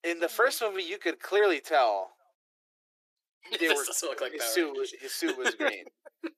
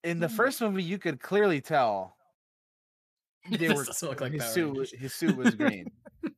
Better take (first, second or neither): second